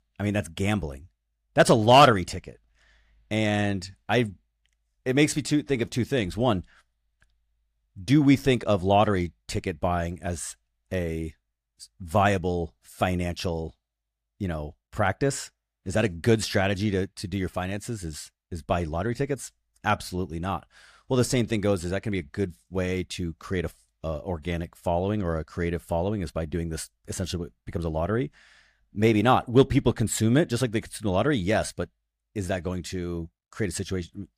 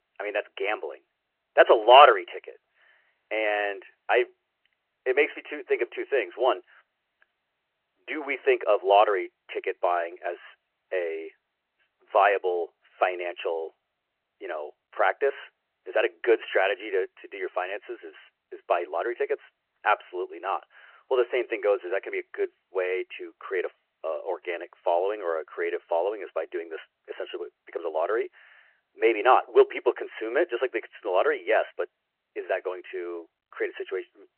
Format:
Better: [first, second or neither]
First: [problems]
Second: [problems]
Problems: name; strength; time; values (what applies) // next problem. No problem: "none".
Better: first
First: none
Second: phone-call audio; nothing above 3 kHz